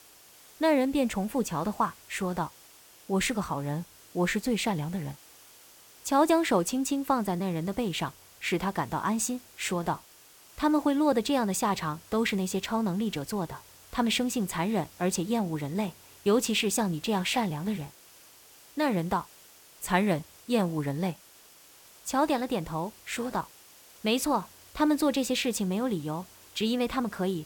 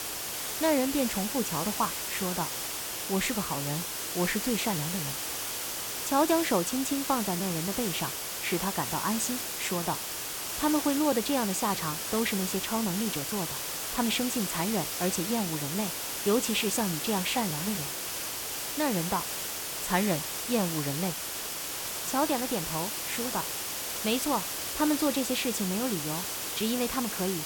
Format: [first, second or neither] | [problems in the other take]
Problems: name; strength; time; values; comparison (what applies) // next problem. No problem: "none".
first | hiss; loud; throughout; 1 dB below the speech; faint in the first